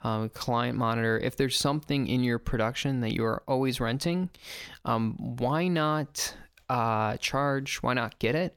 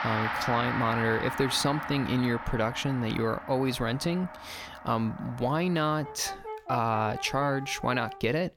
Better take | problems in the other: first | background music; loud; throughout; 8 dB below the speech

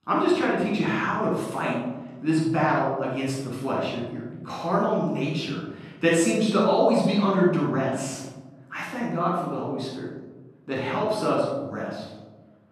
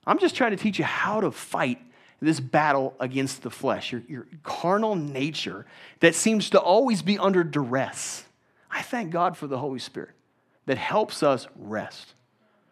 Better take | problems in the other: second | off-mic speech; far // room echo; strong; dies away in 1.3 s

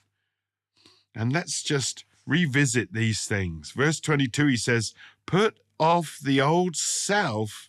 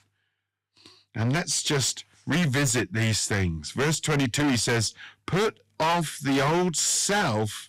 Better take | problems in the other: first | distortion; heavy; 18% of the sound clipped

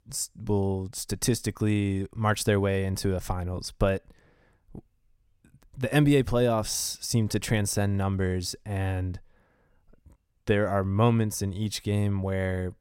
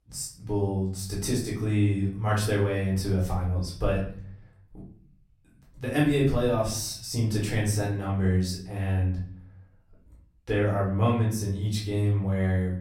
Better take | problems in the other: first | off-mic speech; far // room echo; slight; dies away in 0.5 s

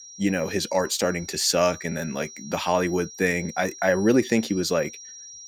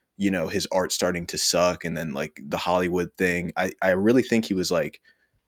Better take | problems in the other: second | high-pitched whine; noticeable; throughout; 5.5 kHz, 15 dB below the speech

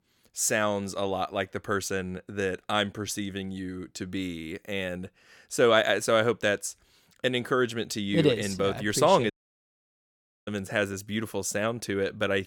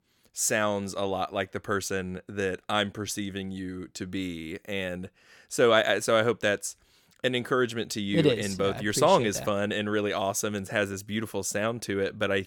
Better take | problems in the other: second | audio cutting out; at 9.5 s for 1 s

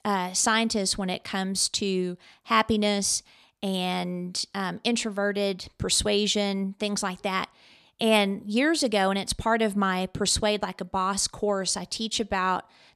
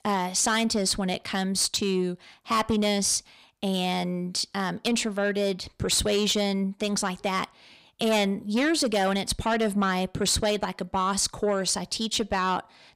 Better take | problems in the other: first | distortion; slight; 10 dB below the speech

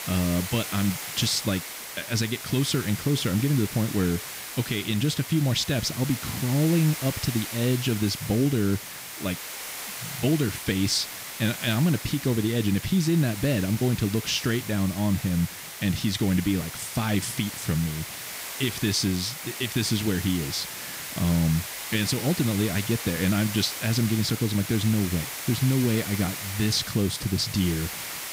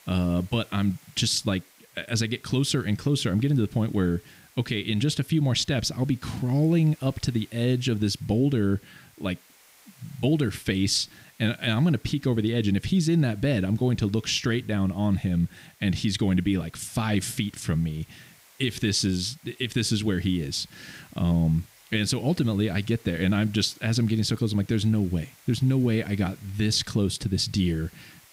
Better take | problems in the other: second | hiss; loud; throughout; 8 dB below the speech; faint in the second

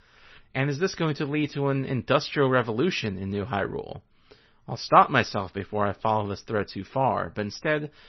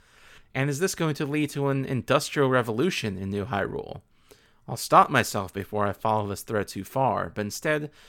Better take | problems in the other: second | garbled, watery; slightly; nothing above 6 kHz

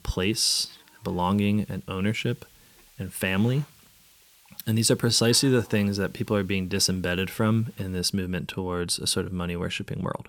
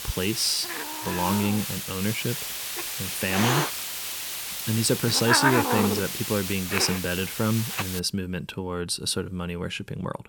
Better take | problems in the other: first | hiss; loud; until 8 s; 1 dB below the speech; faint in the first

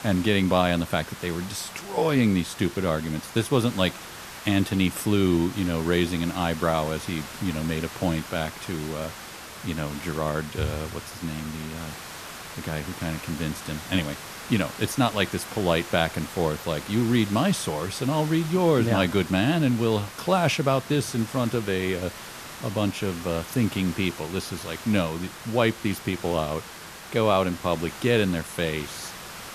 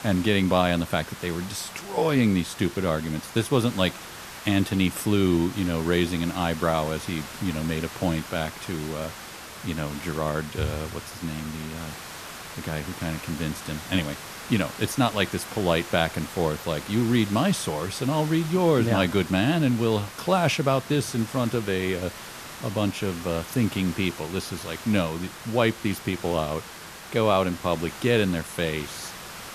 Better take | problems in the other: neither | hiss; noticeable; throughout; 10 dB below the speech; the same in both

